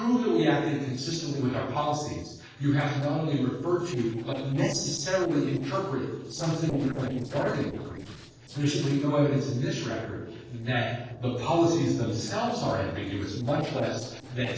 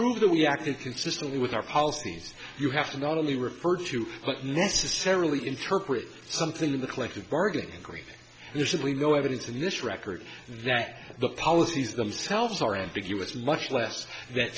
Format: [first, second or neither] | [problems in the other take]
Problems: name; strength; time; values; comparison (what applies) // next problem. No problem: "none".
second | noise reduction (neural separator model SepFormer DNS4)